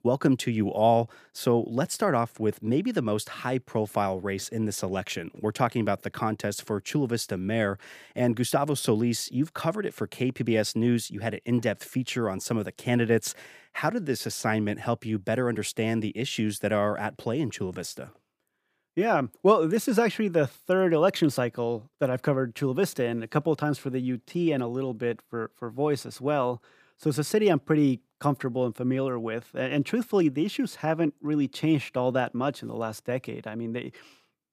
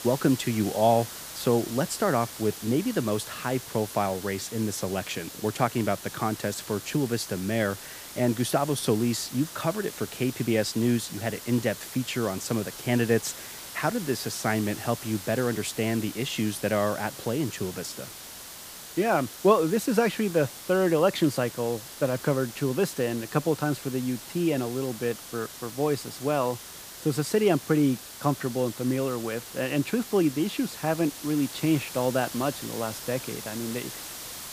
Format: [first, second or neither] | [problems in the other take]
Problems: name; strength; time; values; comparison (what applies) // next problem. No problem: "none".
first | hiss; noticeable; throughout; 10 dB below the speech